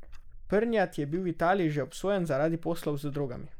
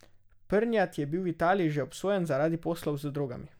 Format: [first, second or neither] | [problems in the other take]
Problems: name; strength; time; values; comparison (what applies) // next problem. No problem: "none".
second | noise reduction (neural mask model Resemble Enhance denoiser)